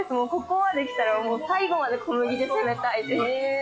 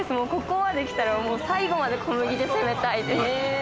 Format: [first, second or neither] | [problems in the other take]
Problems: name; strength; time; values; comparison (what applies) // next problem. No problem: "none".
second | noise reduction (classical method log-MMSE)